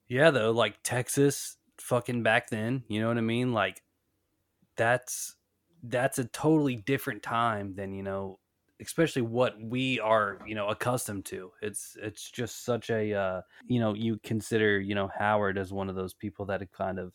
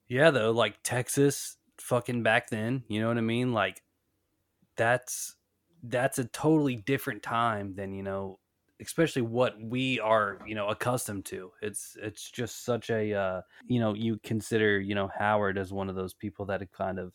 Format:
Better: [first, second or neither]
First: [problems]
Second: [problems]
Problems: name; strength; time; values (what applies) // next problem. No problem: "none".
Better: neither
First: none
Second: none